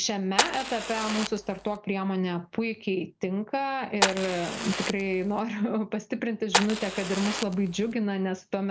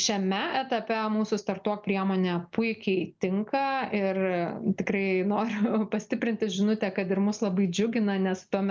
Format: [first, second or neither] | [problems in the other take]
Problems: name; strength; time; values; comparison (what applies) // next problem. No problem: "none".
second | background sound (Fire); 2 dB below the speech